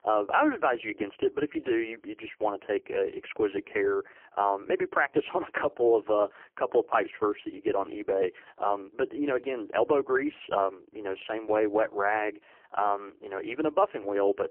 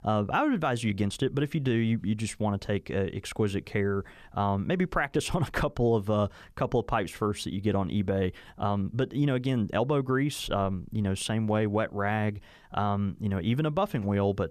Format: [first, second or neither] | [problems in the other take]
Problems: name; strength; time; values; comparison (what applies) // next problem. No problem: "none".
second | phone-call audio; poor line; nothing above 3 kHz